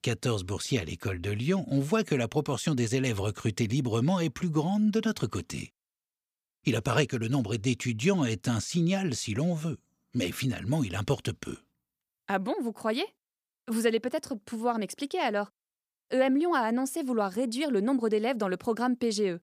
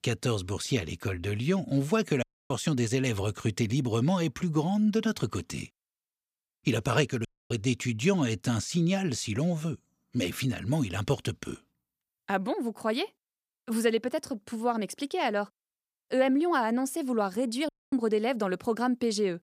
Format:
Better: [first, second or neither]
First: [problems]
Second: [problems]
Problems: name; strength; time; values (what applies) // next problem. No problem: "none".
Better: first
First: none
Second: audio cutting out; at 2 s, at 7.5 s and at 18 s